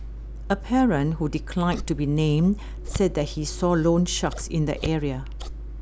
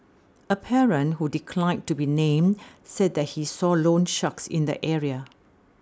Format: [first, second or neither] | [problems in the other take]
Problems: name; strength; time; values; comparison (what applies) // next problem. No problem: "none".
second | background sound (Scissors); 9 dB below the speech